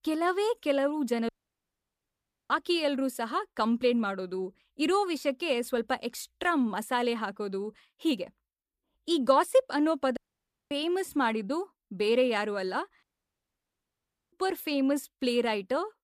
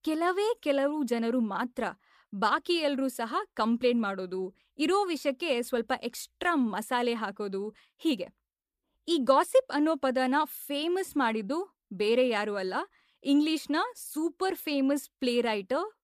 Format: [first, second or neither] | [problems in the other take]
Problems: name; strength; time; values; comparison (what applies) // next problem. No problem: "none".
second | audio cutting out; at 1.5 s for 1 s, at 10 s for 0.5 s and at 13 s for 1.5 s